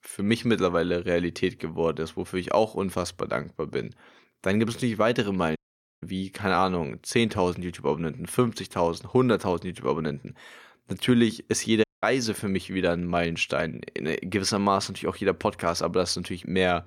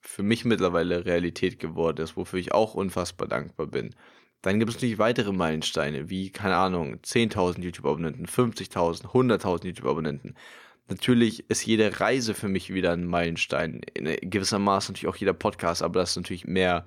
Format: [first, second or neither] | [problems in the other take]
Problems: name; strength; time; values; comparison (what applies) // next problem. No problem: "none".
second | audio cutting out; at 5.5 s and at 12 s